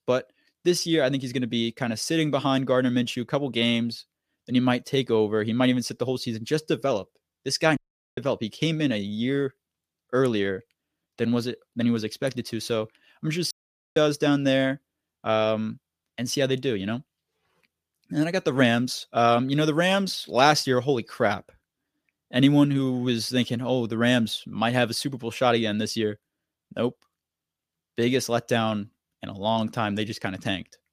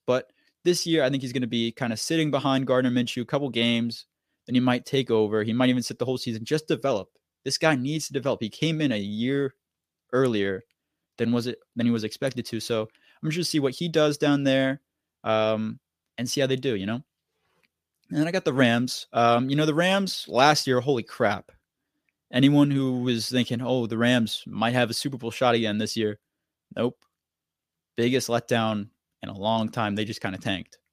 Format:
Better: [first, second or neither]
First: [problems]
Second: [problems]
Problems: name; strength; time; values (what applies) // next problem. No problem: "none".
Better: second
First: audio cutting out; at 8 s and at 14 s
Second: none